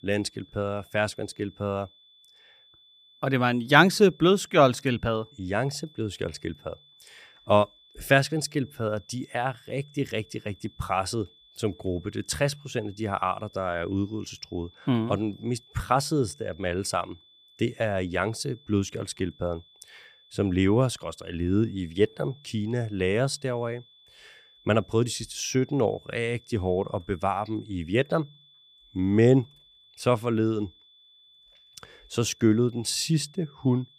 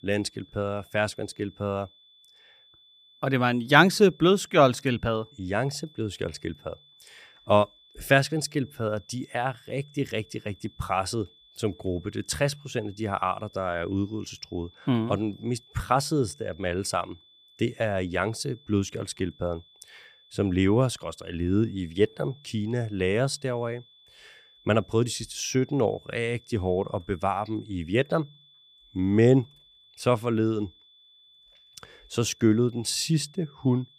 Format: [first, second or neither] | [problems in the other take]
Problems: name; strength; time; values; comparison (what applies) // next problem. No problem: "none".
neither | high-pitched whine; faint; throughout; 3.5 kHz, 30 dB below the speech; the same in both